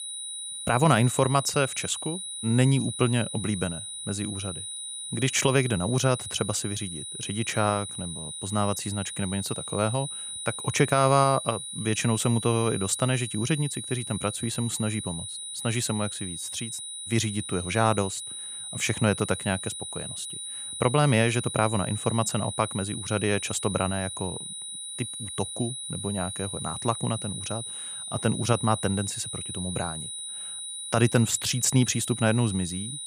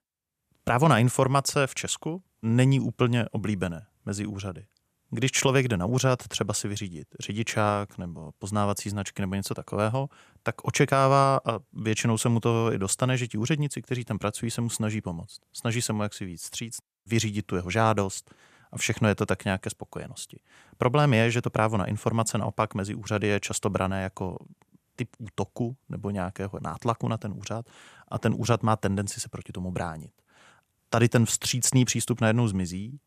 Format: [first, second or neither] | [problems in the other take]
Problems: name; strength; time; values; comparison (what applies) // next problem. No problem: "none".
second | high-pitched whine; loud; throughout; 9.5 kHz, 7 dB below the speech